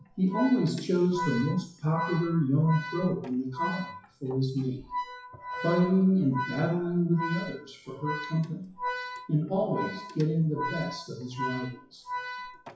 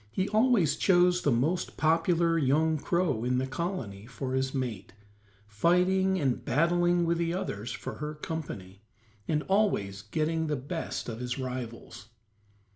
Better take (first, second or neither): second